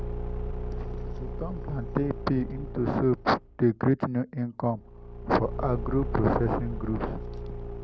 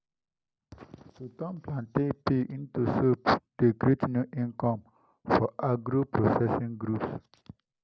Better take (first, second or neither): second